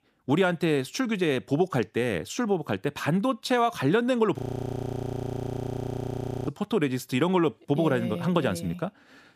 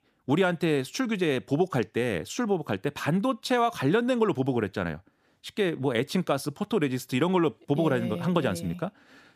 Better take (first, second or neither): second